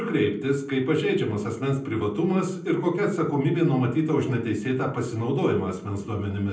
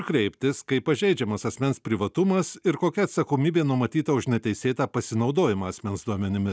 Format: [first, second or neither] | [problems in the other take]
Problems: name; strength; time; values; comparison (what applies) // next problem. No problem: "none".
second | room echo; dies away in 0.6 s